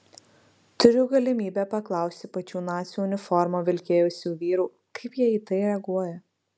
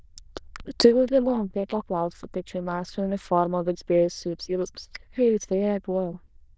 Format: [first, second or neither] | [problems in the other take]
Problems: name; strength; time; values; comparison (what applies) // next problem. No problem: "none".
first | noise reduction (neural diffusion model UNIVERSE++)